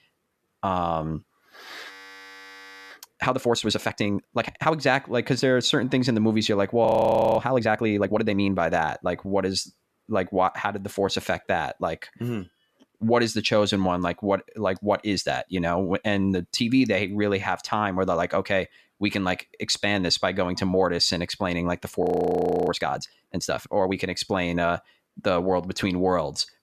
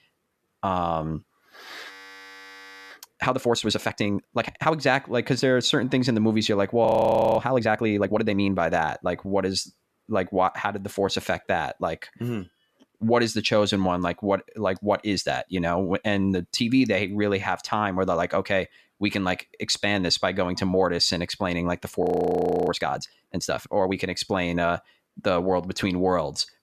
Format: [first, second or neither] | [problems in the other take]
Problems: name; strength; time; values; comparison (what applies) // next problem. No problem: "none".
neither | audio freezing; at 2 s for 1 s, at 7 s for 0.5 s and at 22 s for 0.5 s; the same in both